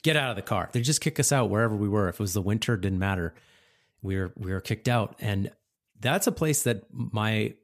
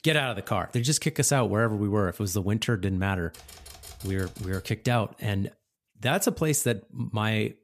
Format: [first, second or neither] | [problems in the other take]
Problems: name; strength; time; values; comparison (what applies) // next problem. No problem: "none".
first | keyboard typing; faint; from 3.5 to 5 s; peak 15 dB below the speech